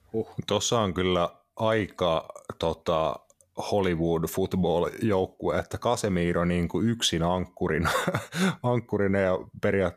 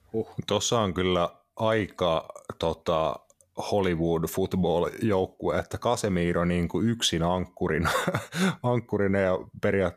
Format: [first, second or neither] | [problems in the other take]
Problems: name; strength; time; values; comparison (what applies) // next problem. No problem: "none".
neither | none